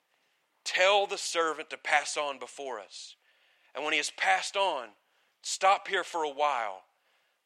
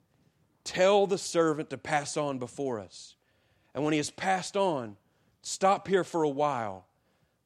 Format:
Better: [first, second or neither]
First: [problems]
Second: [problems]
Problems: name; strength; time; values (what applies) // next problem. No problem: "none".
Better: second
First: thin; very; fading below 750 Hz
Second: none